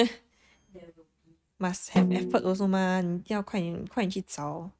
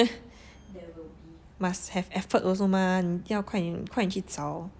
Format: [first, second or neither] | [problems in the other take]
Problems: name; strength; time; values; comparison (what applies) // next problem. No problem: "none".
second | noise reduction (neural mask model RNNoise)